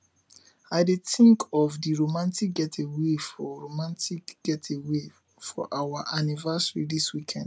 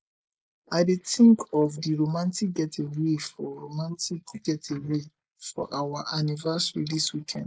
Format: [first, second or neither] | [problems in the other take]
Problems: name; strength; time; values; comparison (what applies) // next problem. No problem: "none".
first | noise reduction (neural mask model Resemble Enhance denoiser)